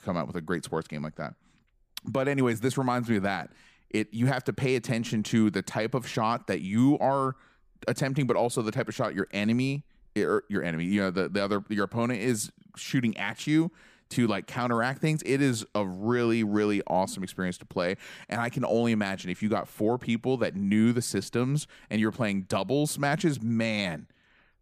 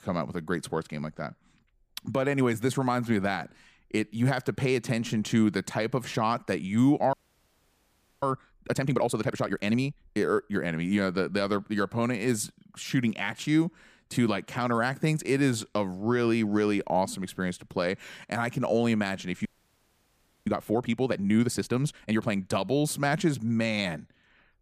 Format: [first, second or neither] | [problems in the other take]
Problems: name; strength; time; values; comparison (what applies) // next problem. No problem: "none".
first | audio freezing; at 7 s for 1 s and at 19 s for 1 s